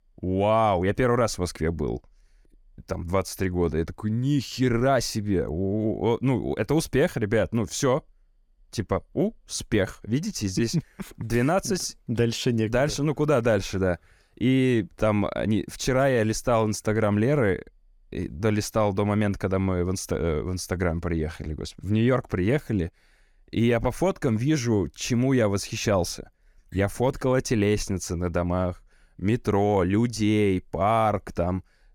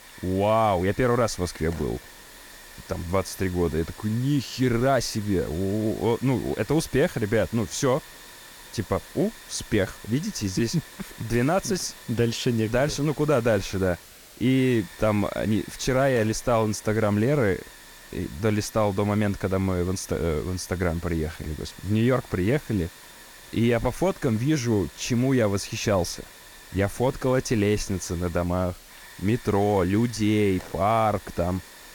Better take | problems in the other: first | hiss; noticeable; throughout; 20 dB below the speech

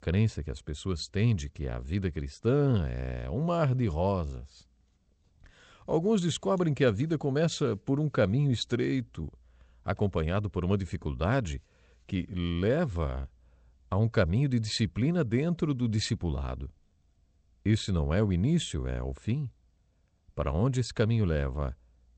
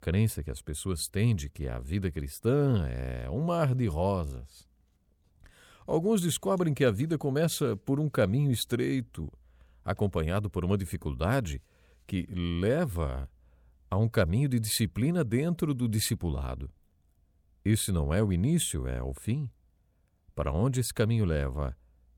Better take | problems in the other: second | garbled, watery; slightly; nothing above 8 kHz

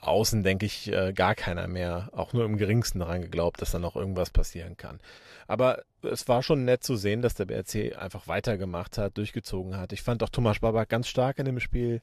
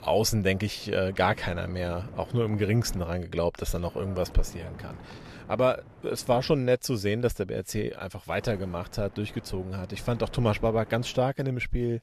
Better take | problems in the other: first | wind noise on the microphone; occasional gusts; until 3 s, from 4 to 6.5 s and from 8.5 to 11 s; 20 dB below the speech

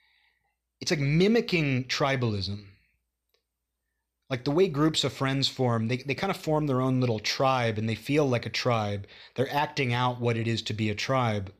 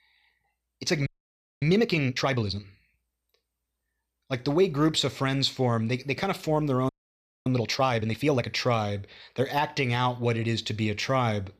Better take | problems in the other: first | audio freezing; at 1 s for 0.5 s and at 7 s for 0.5 s

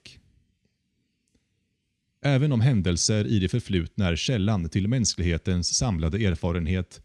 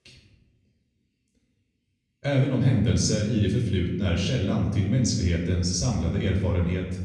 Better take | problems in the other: first | off-mic speech; far // room echo; noticeable; dies away in 1.1 s

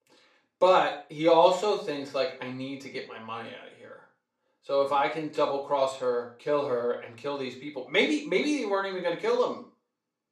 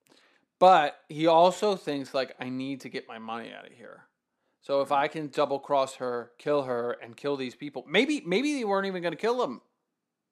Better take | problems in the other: second | room echo; slight; dies away in 0.3 s // off-mic speech; far

